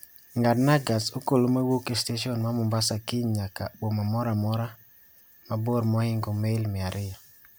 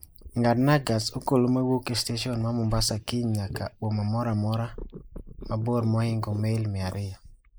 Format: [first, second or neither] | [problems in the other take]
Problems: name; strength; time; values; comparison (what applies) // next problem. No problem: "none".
first | noise reduction (neural mask model Resemble Enhance denoiser)